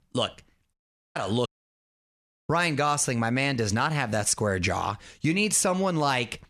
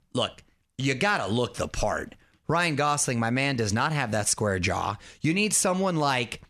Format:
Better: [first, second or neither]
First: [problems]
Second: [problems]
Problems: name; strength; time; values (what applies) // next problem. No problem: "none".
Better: second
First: audio cutting out; at 0.5 s and at 1.5 s for 1 s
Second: none